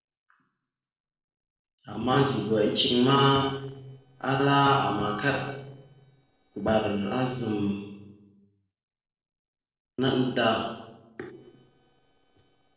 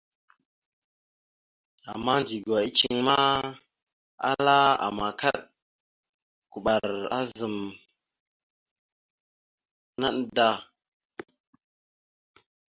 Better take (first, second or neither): second